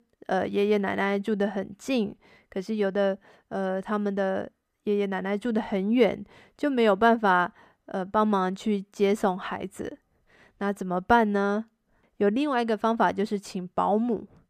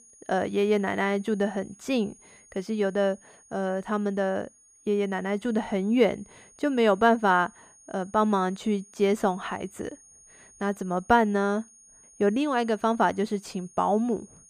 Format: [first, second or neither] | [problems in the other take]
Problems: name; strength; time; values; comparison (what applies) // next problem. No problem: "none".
first | high-pitched whine; faint; throughout; 6.5 kHz, 25 dB below the speech